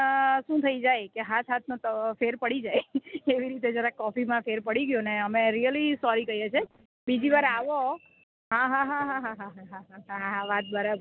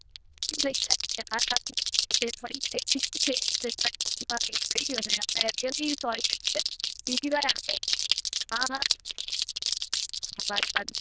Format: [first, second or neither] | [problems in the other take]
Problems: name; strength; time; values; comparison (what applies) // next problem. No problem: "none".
first | noise reduction (neural diffusion model UNIVERSE++)